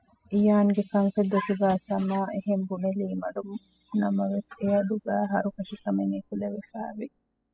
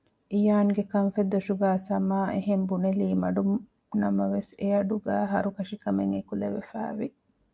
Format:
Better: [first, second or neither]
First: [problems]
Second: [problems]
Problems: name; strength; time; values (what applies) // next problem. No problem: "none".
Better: second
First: noise reduction (classical method spectral subtraction)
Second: none